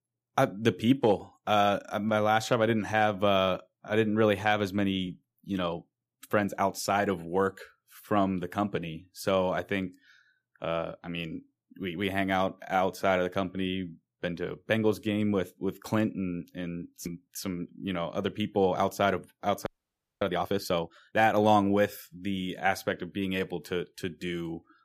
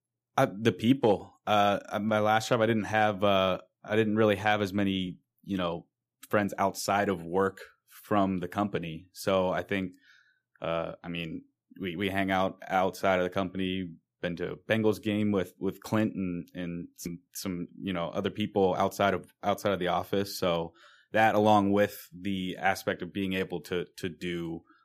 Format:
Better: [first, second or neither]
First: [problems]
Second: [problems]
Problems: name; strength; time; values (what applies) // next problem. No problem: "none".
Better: second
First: audio freezing; at 20 s for 0.5 s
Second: none